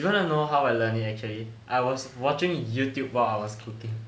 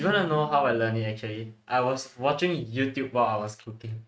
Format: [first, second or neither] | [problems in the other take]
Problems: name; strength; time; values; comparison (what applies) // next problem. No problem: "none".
first | noise reduction (neural mask model RNNoise)